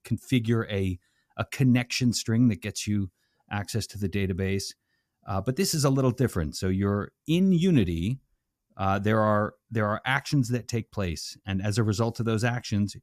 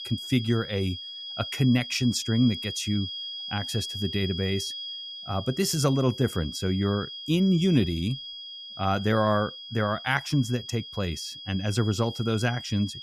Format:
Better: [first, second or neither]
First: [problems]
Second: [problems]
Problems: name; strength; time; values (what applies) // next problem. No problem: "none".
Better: first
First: none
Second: high-pitched whine; loud; throughout; 3.5 kHz, 9 dB below the speech